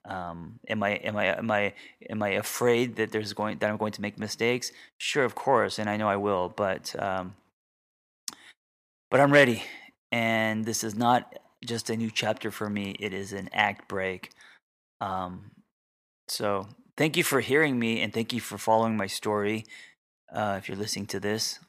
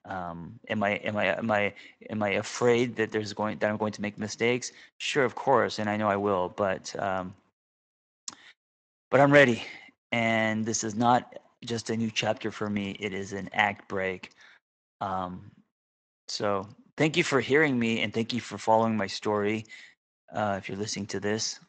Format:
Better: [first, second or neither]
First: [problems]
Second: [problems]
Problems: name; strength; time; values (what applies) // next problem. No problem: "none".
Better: first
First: none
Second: garbled, watery; slightly; nothing above 7.5 kHz